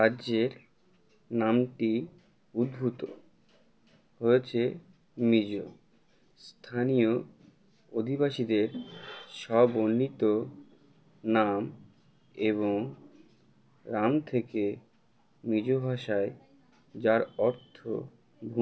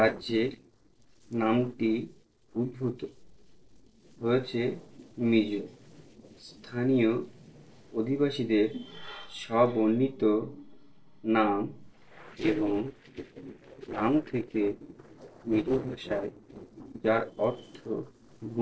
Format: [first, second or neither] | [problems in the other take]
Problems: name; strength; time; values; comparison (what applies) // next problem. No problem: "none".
first | noise reduction (neural separator model SepFormer DNS4)